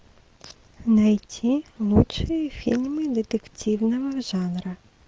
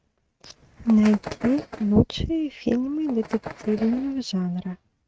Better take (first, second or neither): first